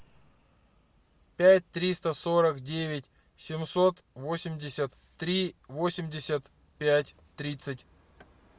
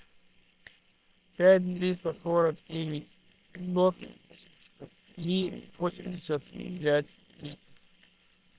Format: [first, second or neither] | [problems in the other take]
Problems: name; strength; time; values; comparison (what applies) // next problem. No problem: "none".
first | noise reduction (neural separator model SepFormer WHAM!)